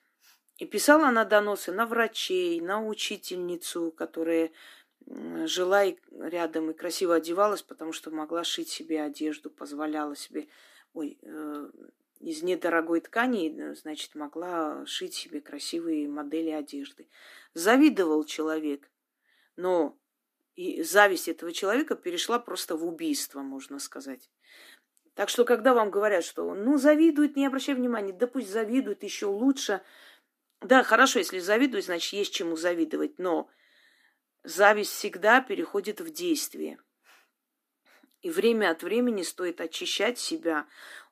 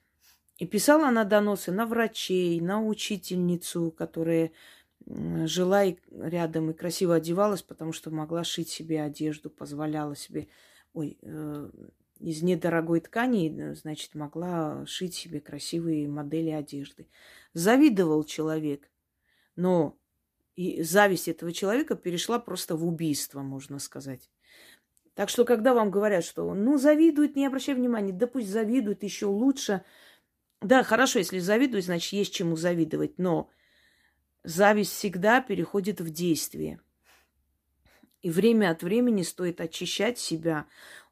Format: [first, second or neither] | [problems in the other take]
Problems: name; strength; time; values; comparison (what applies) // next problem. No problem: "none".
second | thin; very slightly; fading below 250 Hz